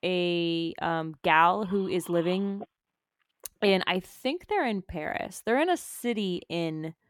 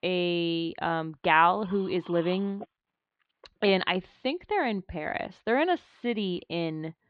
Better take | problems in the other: first | muffled; very slightly; fading above 4 kHz

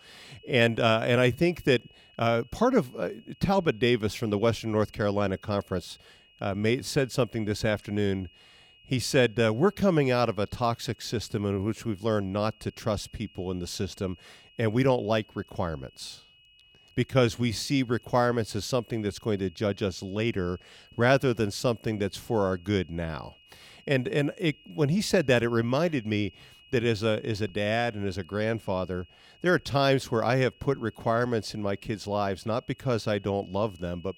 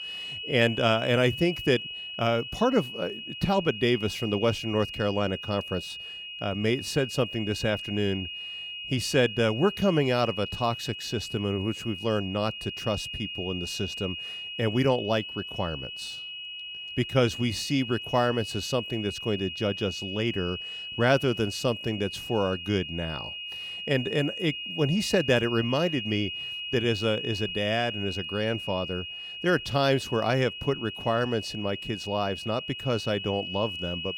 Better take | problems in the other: first | high-pitched whine; loud; throughout; 3 kHz, 7 dB below the speech; faint in the first

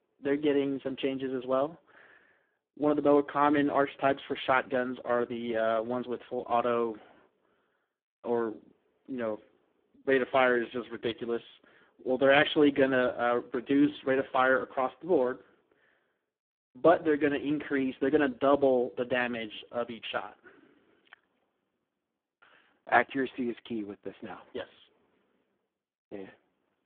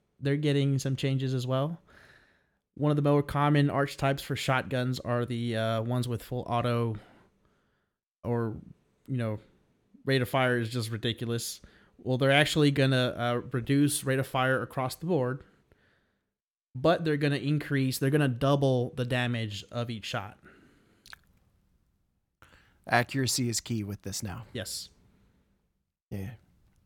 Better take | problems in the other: second | phone-call audio; poor line

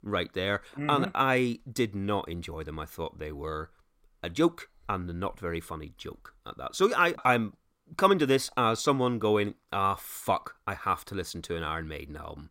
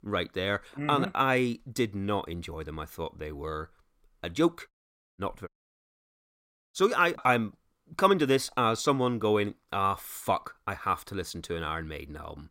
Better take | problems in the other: first | audio cutting out; at 4.5 s and at 5.5 s for 1.5 s

